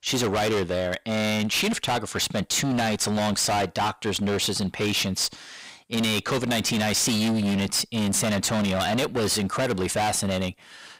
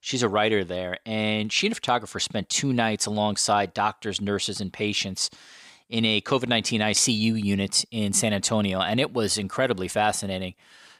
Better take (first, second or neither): second